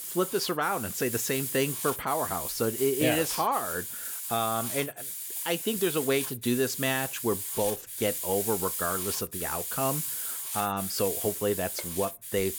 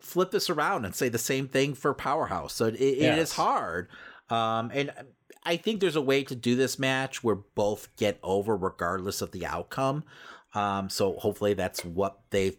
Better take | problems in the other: second | hiss; loud; throughout; 2 dB below the speech

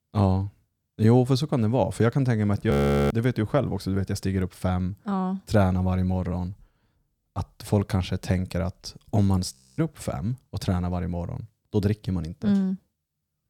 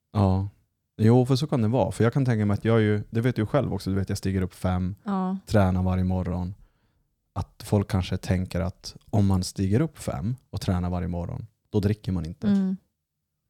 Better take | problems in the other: second | audio freezing; at 2.5 s and at 9.5 s

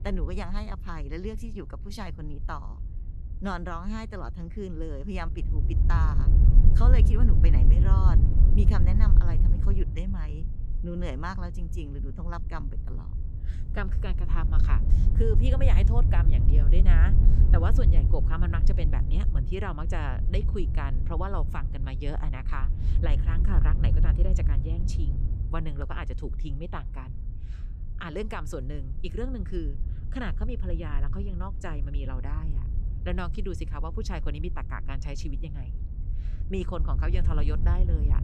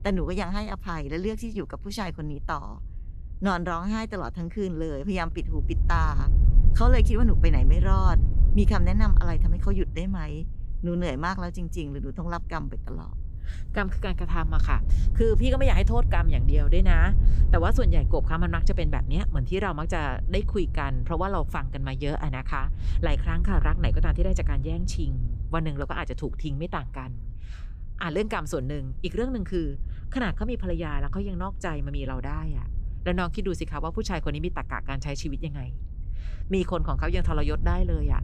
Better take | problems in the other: second | wind noise on the microphone; heavy; 6 dB below the speech; occasional gusts in the second

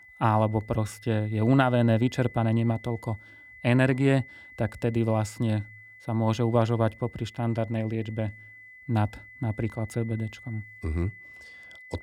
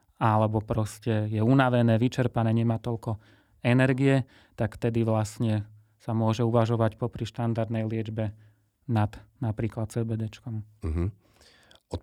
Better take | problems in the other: second | high-pitched whine; noticeable; throughout; 2 kHz, 20 dB below the speech

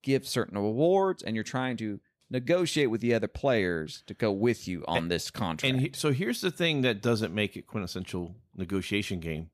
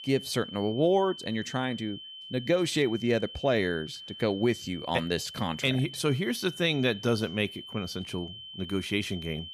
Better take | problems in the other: first | high-pitched whine; noticeable; throughout; 3 kHz, 10 dB below the speech

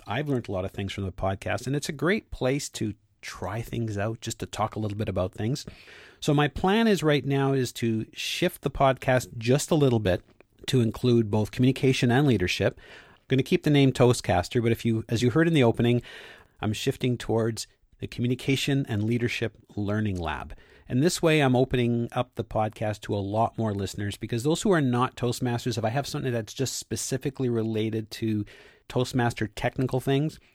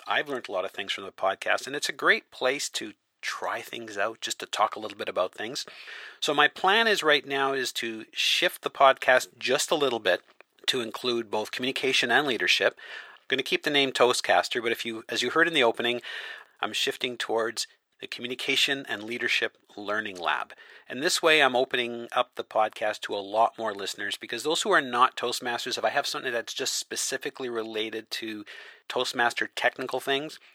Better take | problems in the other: first | thin; very; fading below 550 Hz

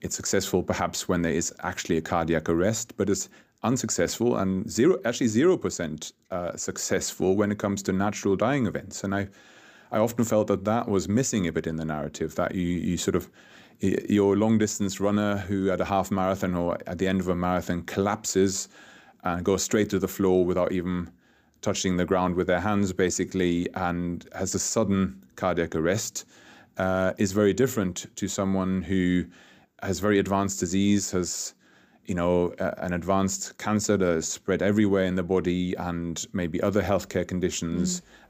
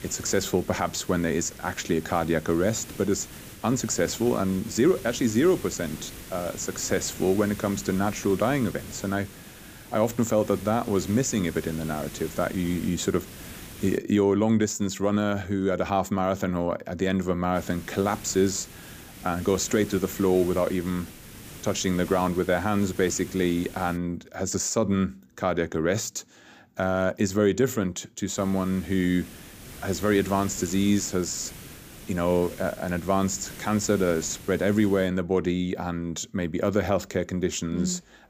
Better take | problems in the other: first | hiss; noticeable; until 14 s, from 18 to 24 s and from 28 to 35 s; 15 dB below the speech

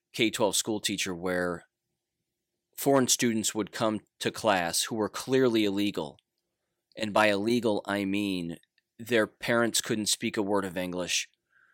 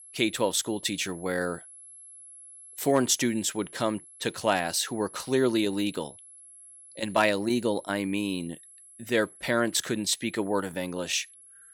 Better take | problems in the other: first | high-pitched whine; noticeable; throughout; 11 kHz, 20 dB below the speech

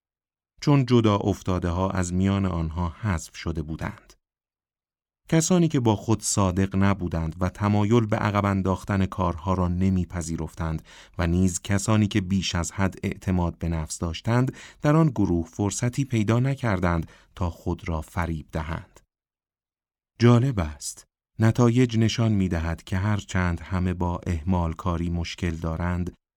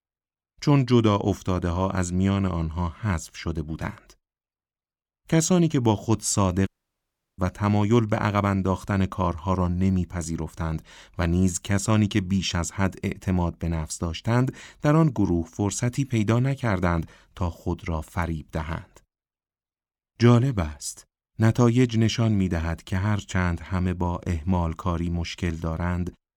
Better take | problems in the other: first | audio cutting out; at 6.5 s for 0.5 s

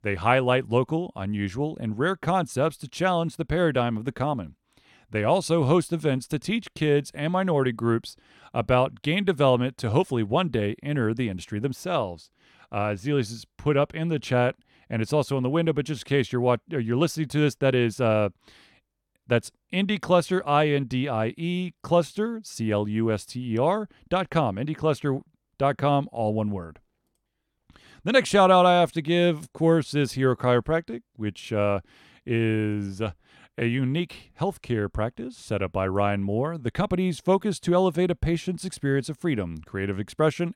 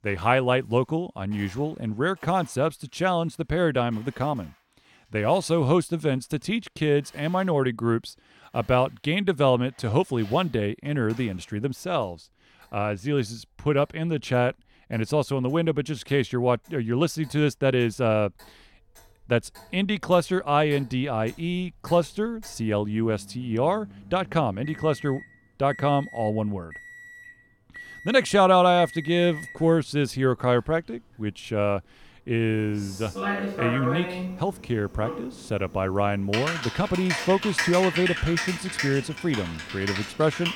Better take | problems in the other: first | household noises; loud; throughout; 8 dB below the speech

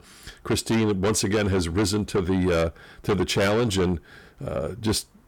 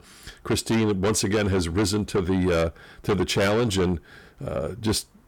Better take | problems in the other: neither | distortion; heavy; 7 dB below the speech; the same in both

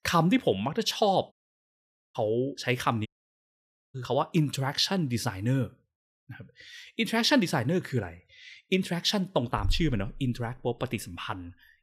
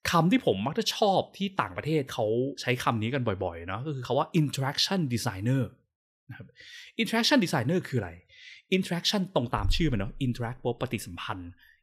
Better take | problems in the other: second | audio cutting out; at 1.5 s for 1 s and at 3 s for 1 s

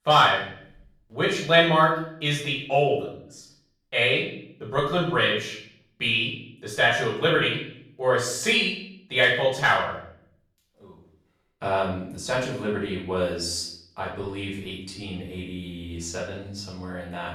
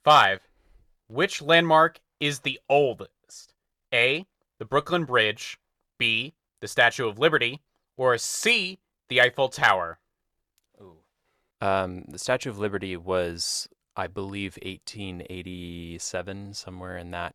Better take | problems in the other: second | off-mic speech; far // room echo; noticeable; dies away in 0.6 s

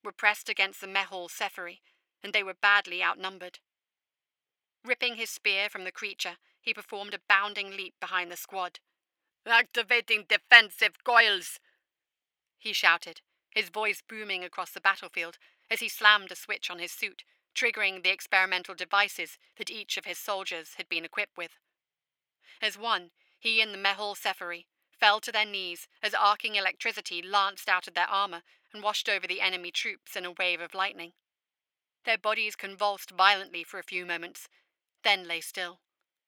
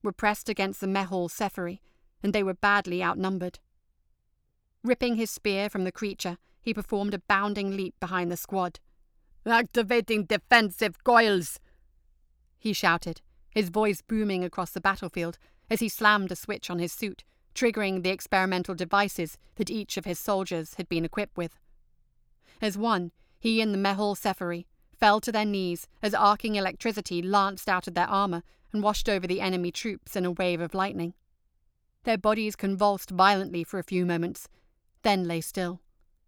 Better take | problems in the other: second | thin; very; fading below 600 Hz

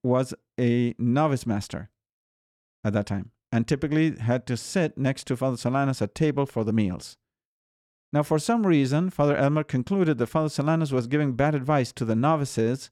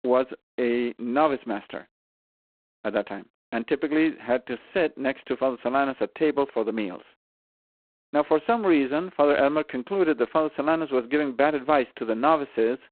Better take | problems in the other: first | phone-call audio; poor line; nothing above 4 kHz

